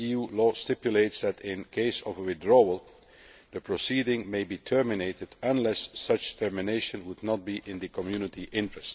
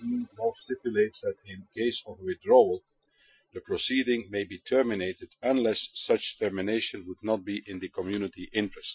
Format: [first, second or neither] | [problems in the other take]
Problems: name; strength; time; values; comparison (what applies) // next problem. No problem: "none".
first | noise reduction (classical method Wiener filter)